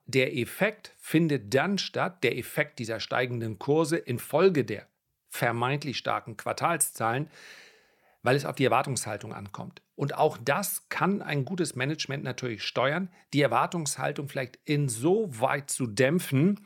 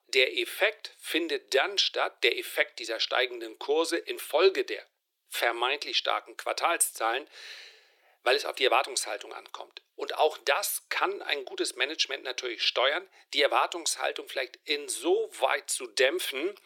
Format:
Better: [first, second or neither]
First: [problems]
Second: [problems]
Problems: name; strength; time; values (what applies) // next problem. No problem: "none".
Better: first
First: none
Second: thin; very; fading below 350 Hz